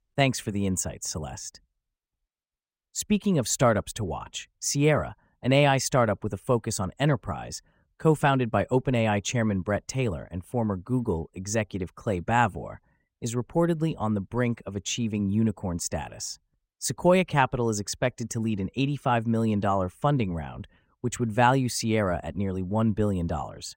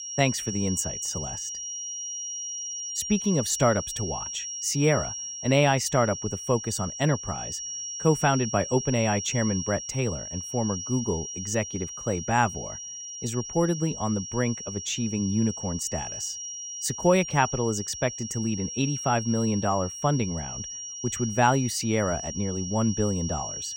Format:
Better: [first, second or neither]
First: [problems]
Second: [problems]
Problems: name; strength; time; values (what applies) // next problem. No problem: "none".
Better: first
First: none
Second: high-pitched whine; loud; throughout; 5.5 kHz, 6 dB below the speech